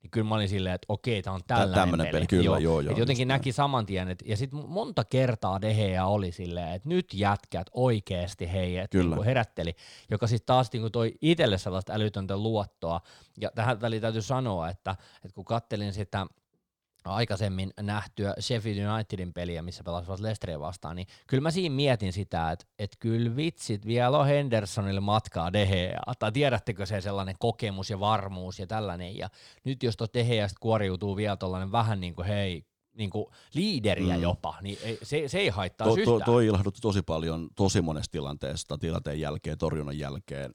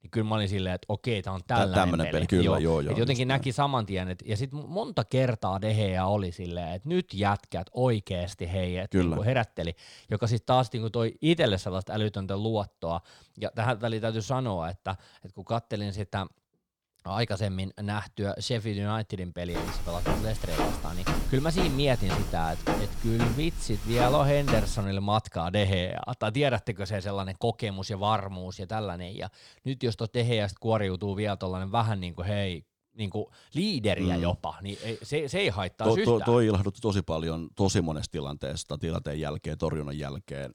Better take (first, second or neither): first